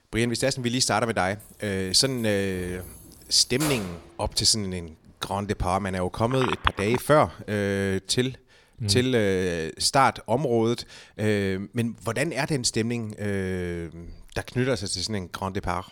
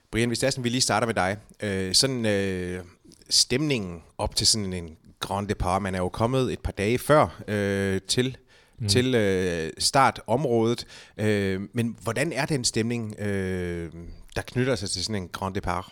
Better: second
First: jangling keys; noticeable; from 1.5 to 4 s; peak 6 dB below the speech // phone ringing; noticeable; at 6.5 s; peak 2 dB below the speech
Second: none

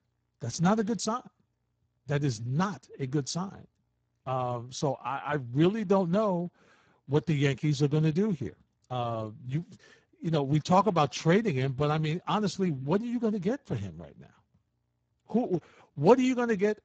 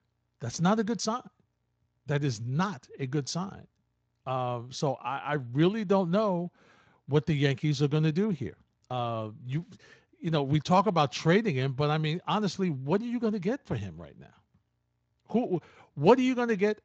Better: second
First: garbled, watery; badly; nothing above 7.5 kHz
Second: garbled, watery; slightly

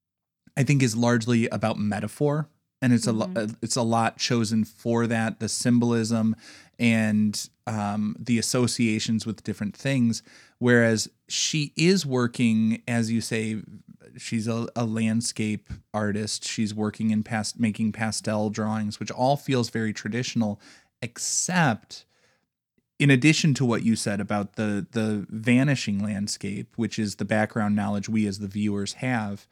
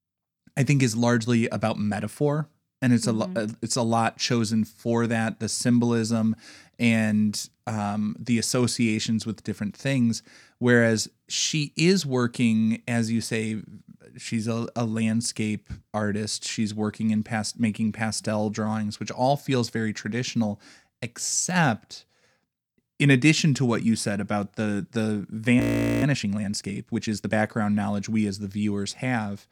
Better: first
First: none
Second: audio freezing; at 26 s

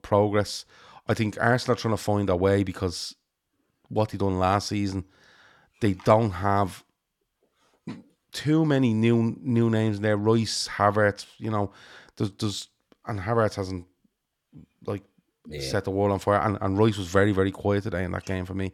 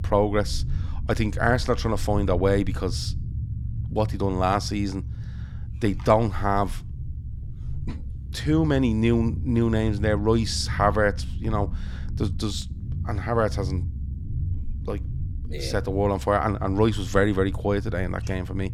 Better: first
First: none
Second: low rumble; faint; throughout; 20 dB below the speech

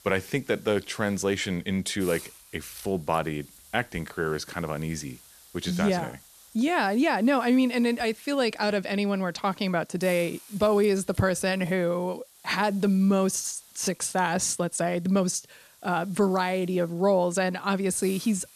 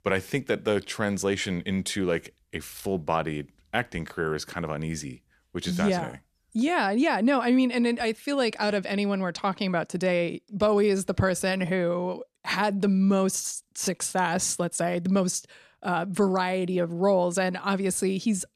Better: second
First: hiss; faint; throughout; 25 dB below the speech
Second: none

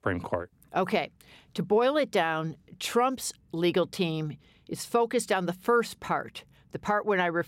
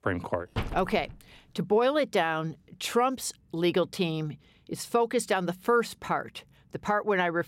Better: first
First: none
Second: door banging; noticeable; at 0.5 s; peak 7 dB below the speech

